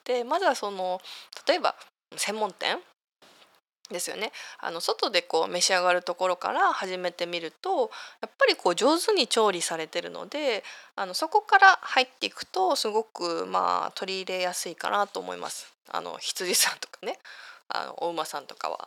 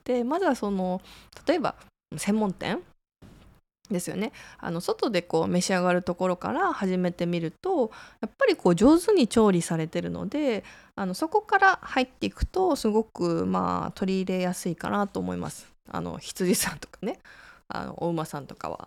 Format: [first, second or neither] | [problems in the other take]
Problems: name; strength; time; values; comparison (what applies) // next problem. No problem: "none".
second | thin; very; fading below 650 Hz